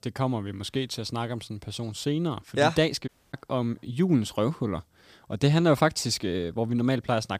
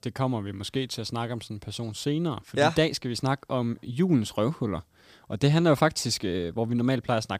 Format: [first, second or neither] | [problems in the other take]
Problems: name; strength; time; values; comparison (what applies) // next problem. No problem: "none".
second | audio cutting out; at 3 s